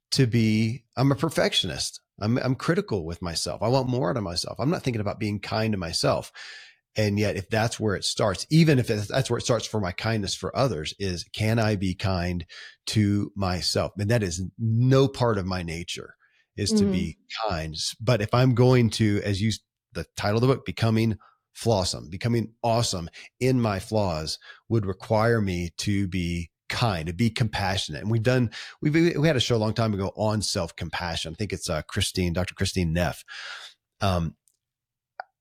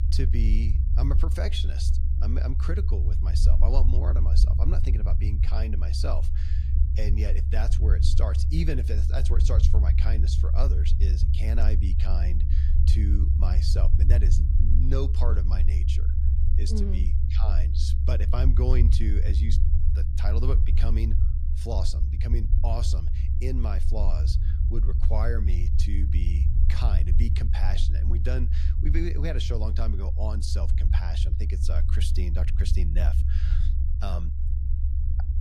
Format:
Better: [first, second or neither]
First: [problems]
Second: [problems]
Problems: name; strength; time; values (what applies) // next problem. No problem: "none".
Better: first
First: none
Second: low rumble; loud; throughout; 5 dB below the speech